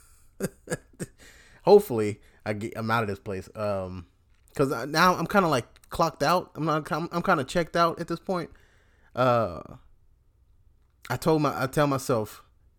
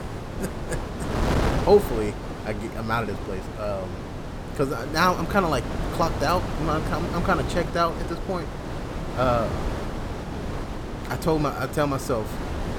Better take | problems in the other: first | wind noise on the microphone; heavy; 8 dB below the speech

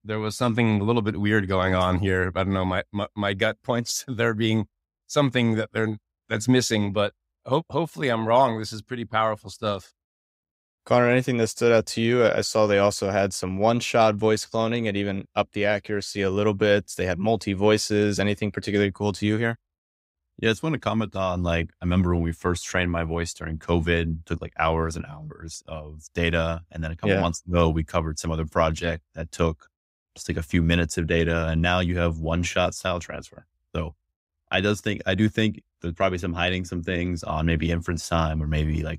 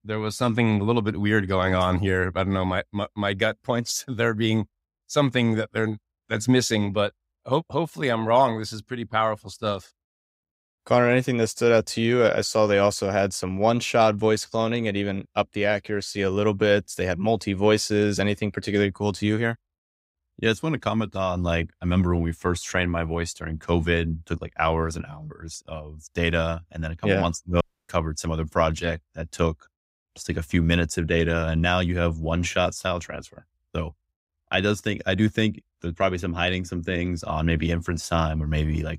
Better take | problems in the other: first | audio cutting out; at 28 s

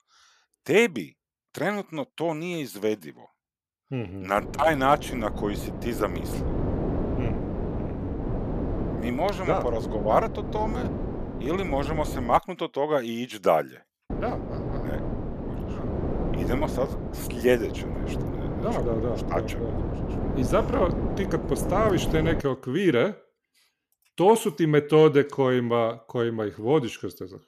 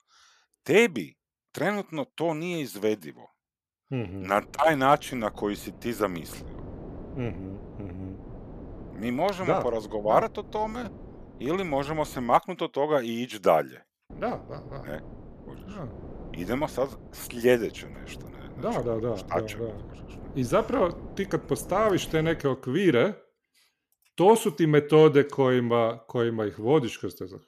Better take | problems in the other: second | wind noise on the microphone; heavy; from 4.5 to 12 s and from 14 to 22 s; 10 dB below the speech; occasional gusts in the second

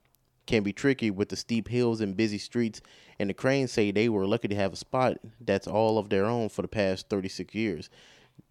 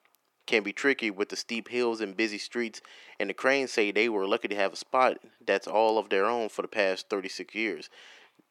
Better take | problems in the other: first | thin; somewhat; fading below 300 Hz

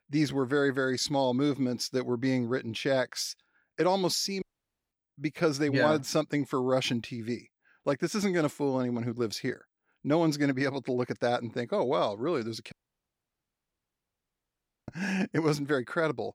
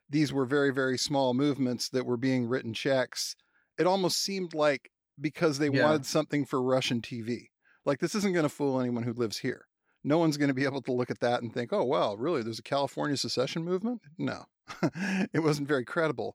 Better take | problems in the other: second | audio cutting out; at 4.5 s for 0.5 s and at 13 s for 2 s

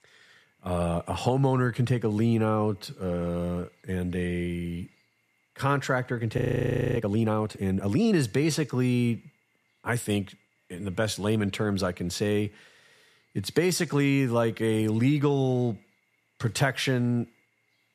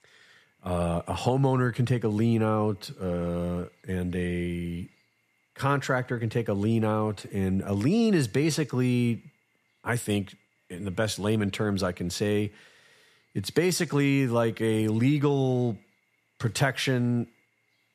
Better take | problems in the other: second | audio freezing; at 6.5 s for 0.5 s

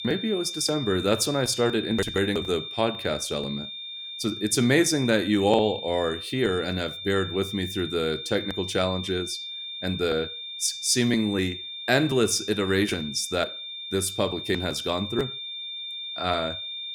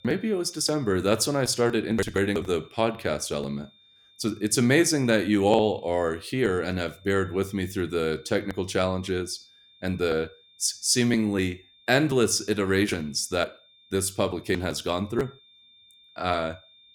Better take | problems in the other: second | high-pitched whine; loud; throughout; 3.5 kHz, 8 dB below the speech; faint in the second

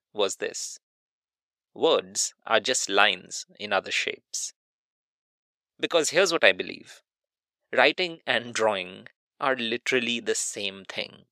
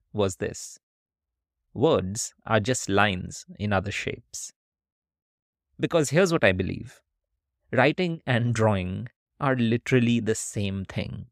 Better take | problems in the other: second | thin; somewhat; fading below 450 Hz

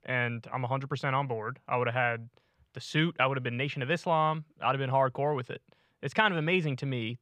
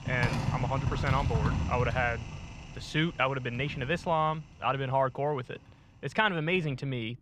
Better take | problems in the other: first | household noises; loud; throughout; 3 dB below the speech

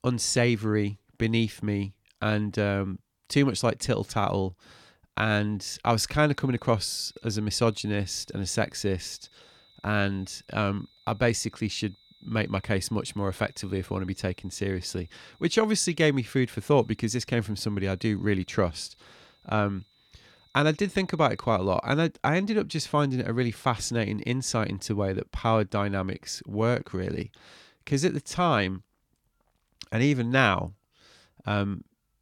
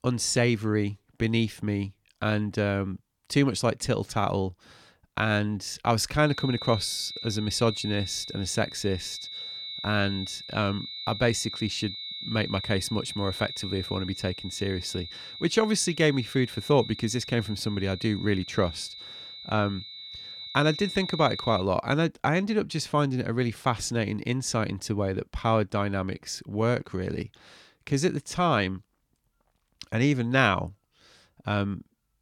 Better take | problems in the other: first | high-pitched whine; loud; from 6.5 to 22 s; 4 kHz, 9 dB below the speech; faint in the first

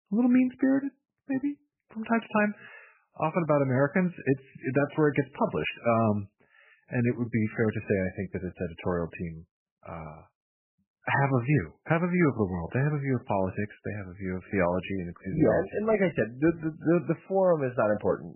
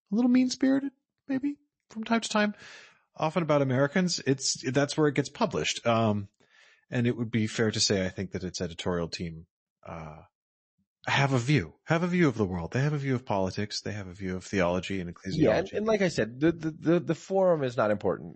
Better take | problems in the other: second | garbled, watery; badly; nothing above 3 kHz; slightly in the second

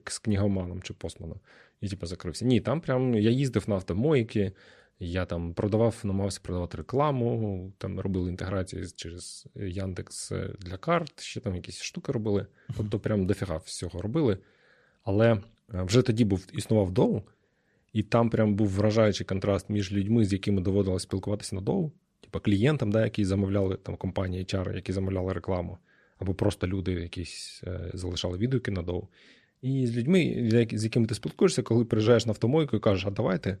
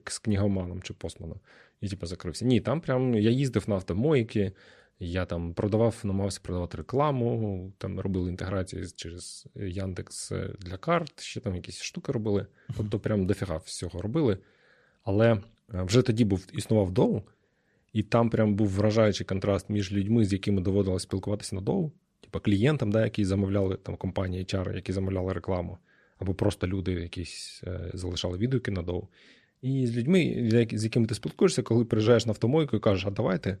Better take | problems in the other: neither | none

